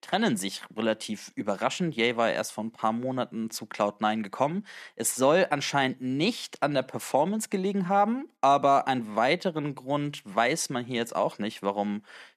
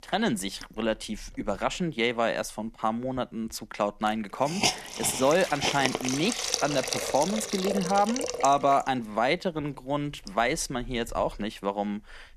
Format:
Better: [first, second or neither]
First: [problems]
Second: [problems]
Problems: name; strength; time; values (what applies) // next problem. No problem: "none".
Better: first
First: none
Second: hiss; loud; throughout; 2 dB below the speech